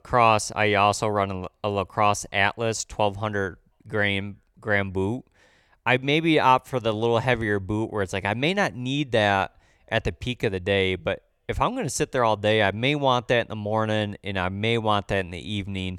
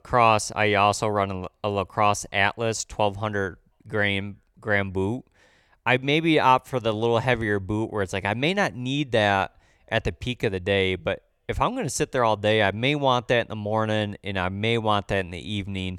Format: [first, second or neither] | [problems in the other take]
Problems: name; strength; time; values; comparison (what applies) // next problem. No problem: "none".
neither | none